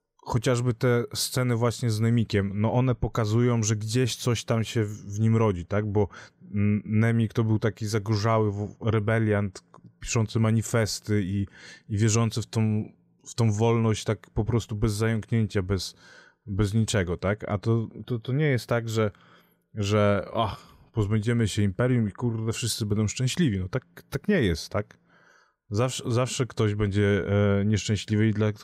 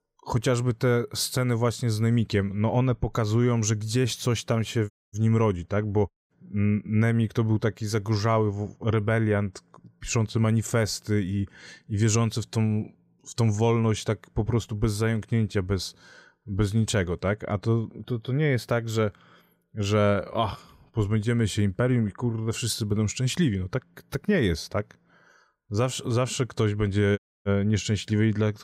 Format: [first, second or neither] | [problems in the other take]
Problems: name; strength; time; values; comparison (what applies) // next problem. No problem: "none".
first | audio cutting out; at 5 s, at 6 s and at 27 s